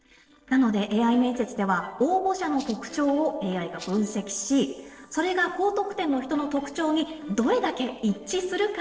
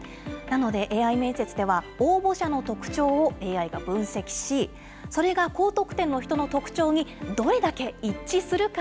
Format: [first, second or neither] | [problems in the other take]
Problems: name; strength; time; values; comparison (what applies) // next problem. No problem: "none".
second | noise reduction (neural separator model SepFormer DNS4)